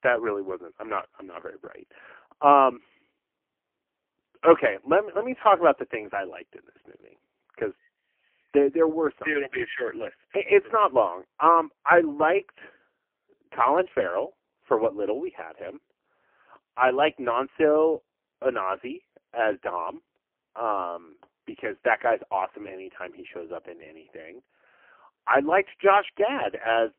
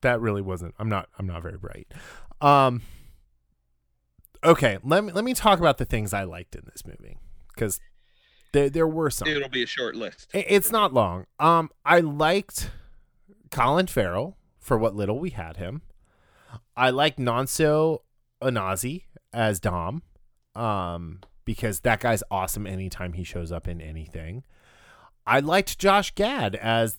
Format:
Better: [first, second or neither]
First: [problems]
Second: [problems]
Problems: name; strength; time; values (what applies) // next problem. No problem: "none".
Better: second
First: phone-call audio; poor line; nothing above 3 kHz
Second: none